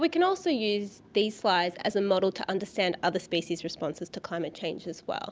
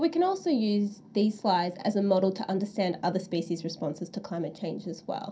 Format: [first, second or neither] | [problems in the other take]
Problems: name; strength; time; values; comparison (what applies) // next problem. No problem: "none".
first | room echo; dies away in 0.3 s